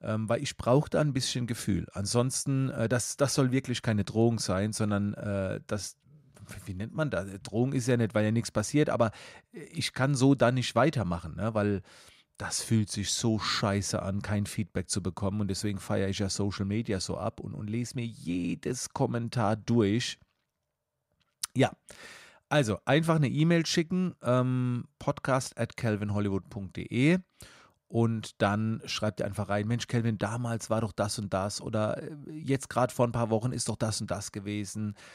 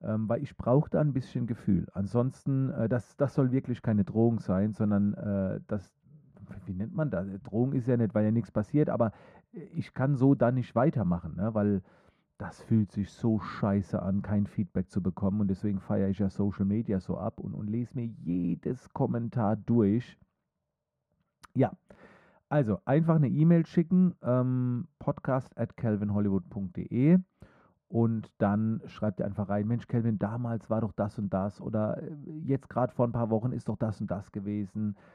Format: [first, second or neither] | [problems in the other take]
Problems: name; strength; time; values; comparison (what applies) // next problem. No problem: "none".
first | muffled; very; fading above 2.5 kHz